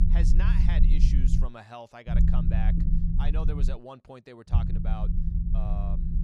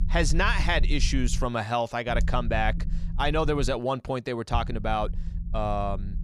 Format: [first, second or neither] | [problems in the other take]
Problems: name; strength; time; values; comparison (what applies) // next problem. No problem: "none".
second | low rumble; loud; until 1.5 s, from 2 to 3.5 s and from 4.5 s on; as loud as the speech; faint in the second